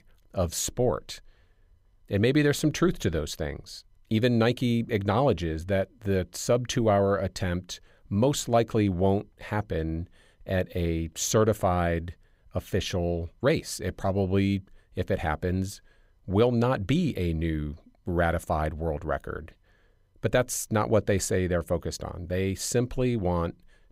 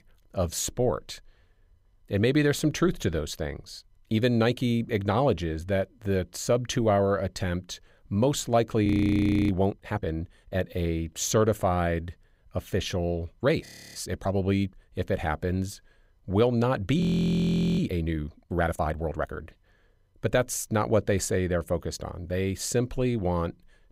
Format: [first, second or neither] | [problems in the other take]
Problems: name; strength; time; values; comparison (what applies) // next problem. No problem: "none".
first | audio freezing; at 9 s for 0.5 s, at 14 s and at 17 s for 1 s